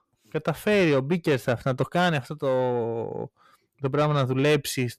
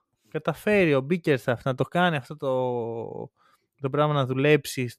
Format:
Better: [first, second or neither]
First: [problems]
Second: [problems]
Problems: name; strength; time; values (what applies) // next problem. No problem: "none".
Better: second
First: distortion; slight; 10 dB below the speech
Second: none